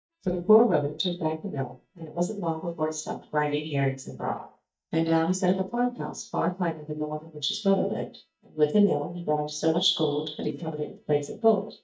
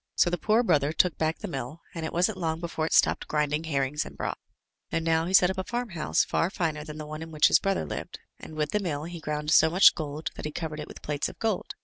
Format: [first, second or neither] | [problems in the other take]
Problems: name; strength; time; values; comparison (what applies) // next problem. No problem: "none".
second | noise reduction (neural mask model DeepFilterNet 3)